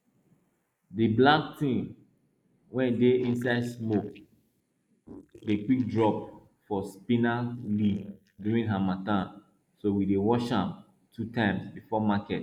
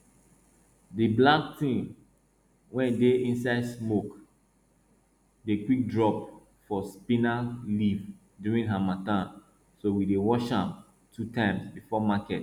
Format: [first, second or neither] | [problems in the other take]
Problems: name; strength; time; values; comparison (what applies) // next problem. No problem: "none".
second | noise reduction (neural mask model Resemble Enhance denoiser)